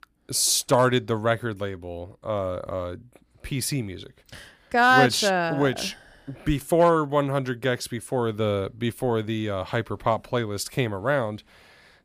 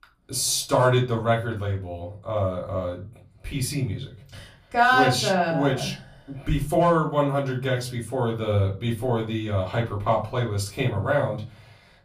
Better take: first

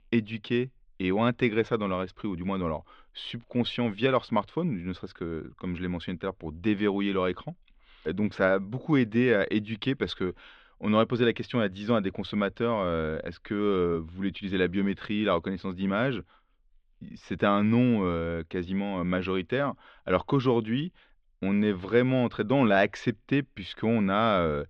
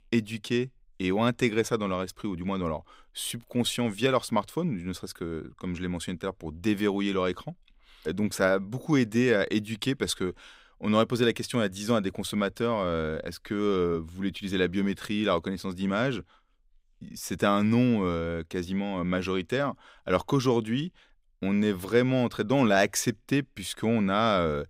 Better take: second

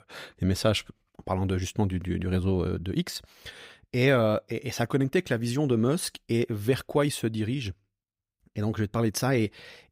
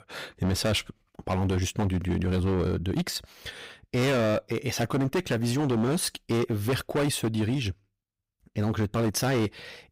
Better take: first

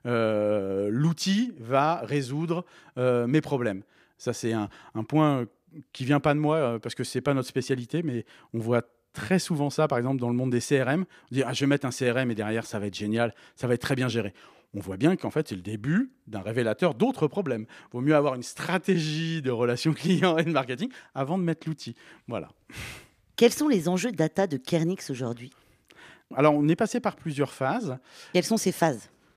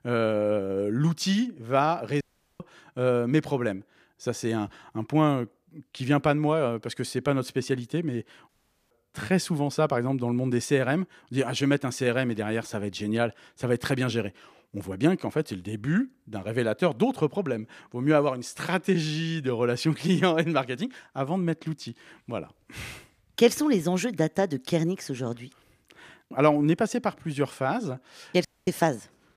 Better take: first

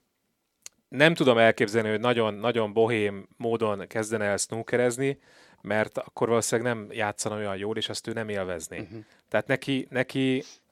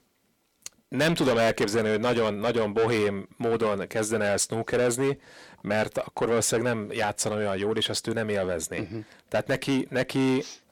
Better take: first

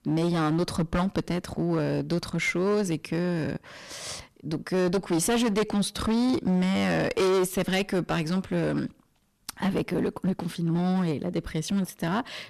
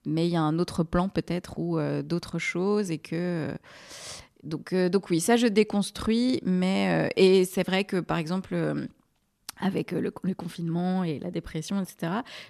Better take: second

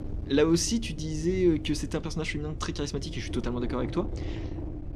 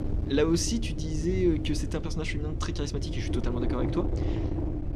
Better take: first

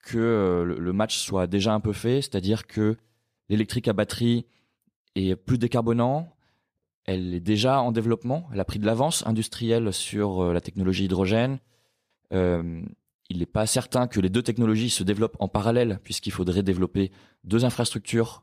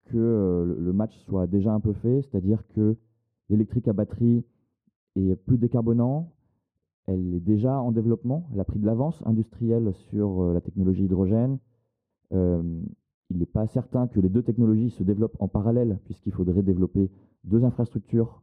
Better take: first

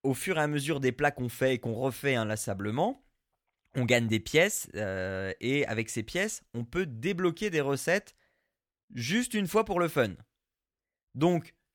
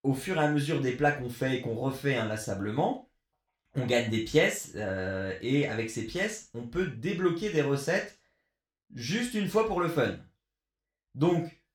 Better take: first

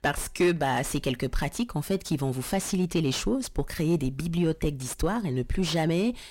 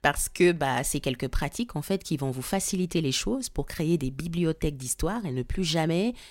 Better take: second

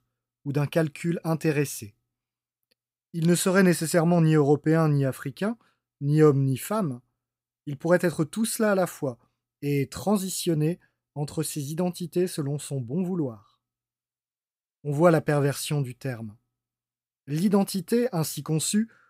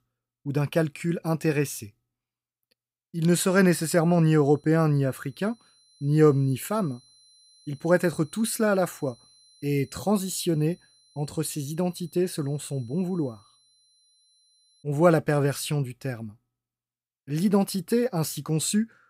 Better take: first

